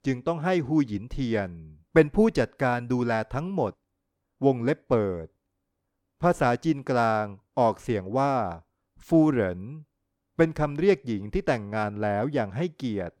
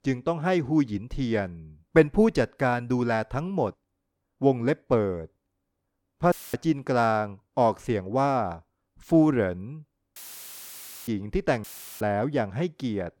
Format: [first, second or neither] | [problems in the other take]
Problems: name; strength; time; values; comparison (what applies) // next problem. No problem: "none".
first | audio cutting out; filled with static; at 6.5 s, at 10 s for 1 s and at 12 s